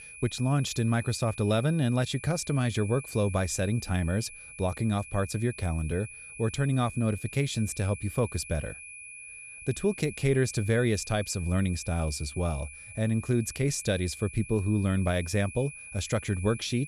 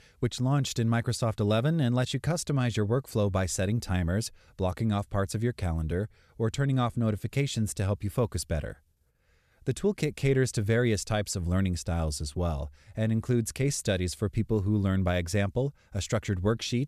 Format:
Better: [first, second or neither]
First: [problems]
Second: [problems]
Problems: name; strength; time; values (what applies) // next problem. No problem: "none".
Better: second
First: high-pitched whine; noticeable; throughout; 2.5 kHz, 15 dB below the speech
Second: none